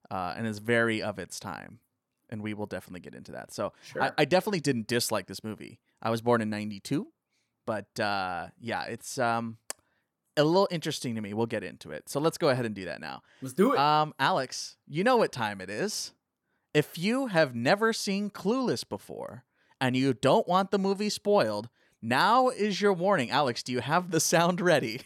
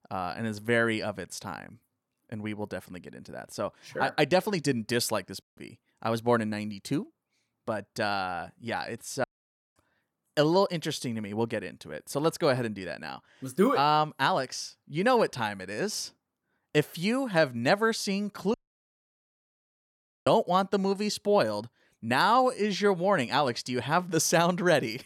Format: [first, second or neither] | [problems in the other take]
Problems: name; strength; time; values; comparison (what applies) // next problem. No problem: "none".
first | audio cutting out; at 5.5 s, at 9 s for 0.5 s and at 19 s for 1.5 s